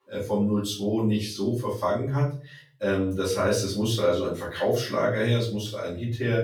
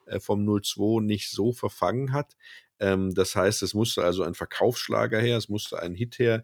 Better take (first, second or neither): second